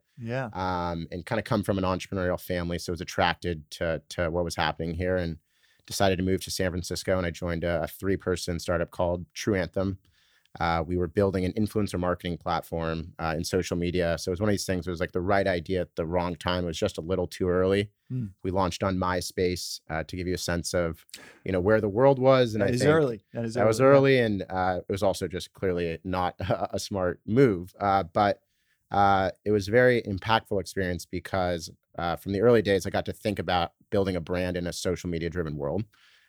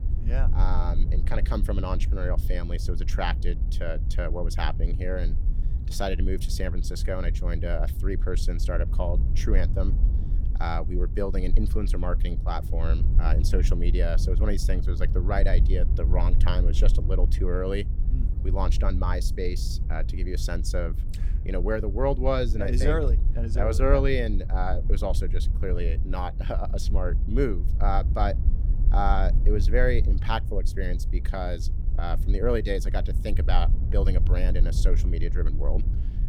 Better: first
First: none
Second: wind noise on the microphone; occasional gusts; 15 dB below the speech

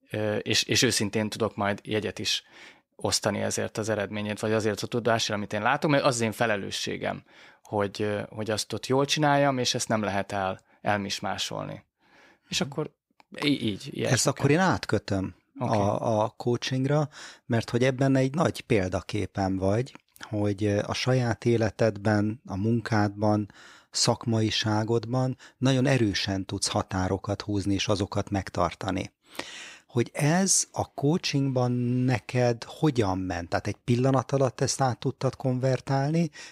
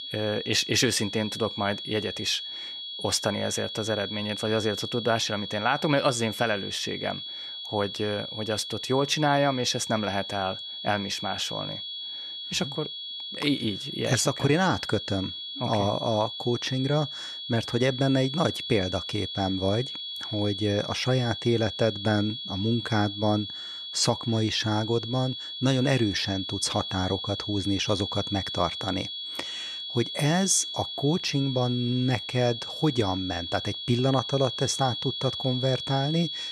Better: first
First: none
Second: high-pitched whine; loud; throughout; 3.5 kHz, 6 dB below the speech

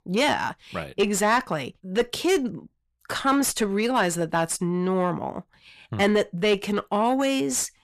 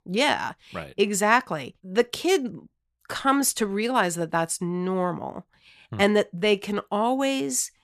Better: second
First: distortion; slight; 10 dB below the speech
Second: none

